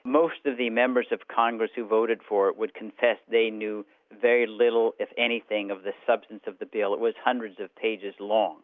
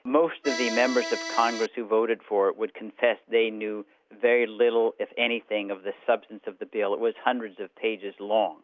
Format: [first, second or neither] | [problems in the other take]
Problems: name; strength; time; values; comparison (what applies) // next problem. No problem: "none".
first | background sound (Accordion); 6 dB below the speech